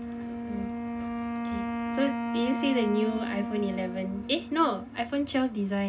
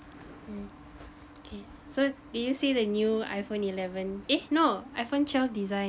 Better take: second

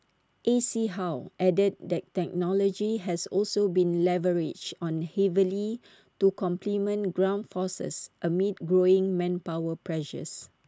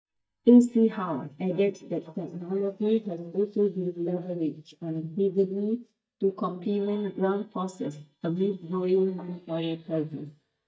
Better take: first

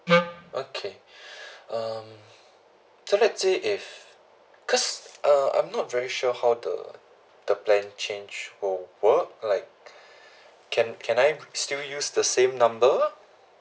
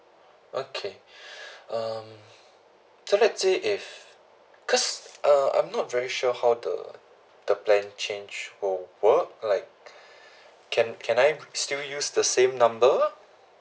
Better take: second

